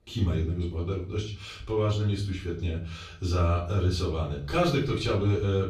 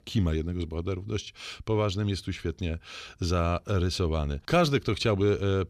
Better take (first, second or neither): second